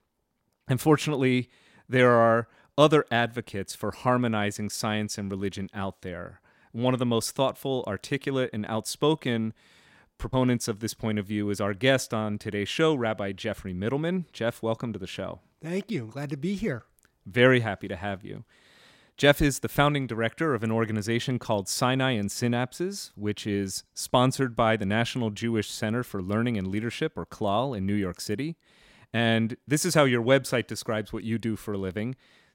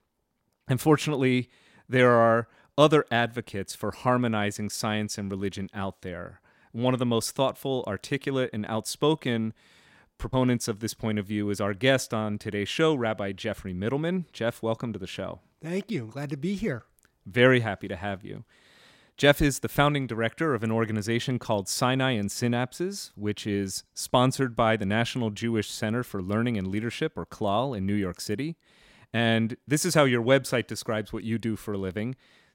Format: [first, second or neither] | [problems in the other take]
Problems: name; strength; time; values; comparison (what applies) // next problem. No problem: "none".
neither | none